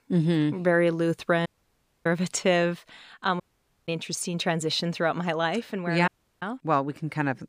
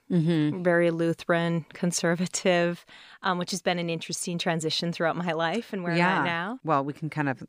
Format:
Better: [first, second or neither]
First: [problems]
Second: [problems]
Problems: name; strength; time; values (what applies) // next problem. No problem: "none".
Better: second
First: audio cutting out; at 1.5 s for 0.5 s, at 3.5 s and at 6 s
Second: none